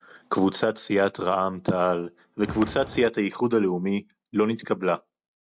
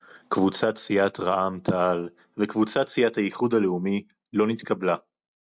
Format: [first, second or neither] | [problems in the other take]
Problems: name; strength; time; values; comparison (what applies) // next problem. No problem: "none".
second | background sound (Walk, footsteps); 11 dB below the speech